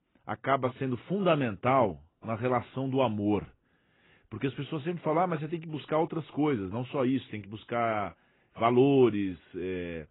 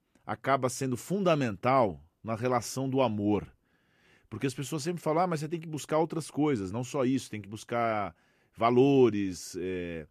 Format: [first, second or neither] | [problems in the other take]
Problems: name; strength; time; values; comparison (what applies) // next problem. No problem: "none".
second | garbled, watery; badly; nothing above 3.5 kHz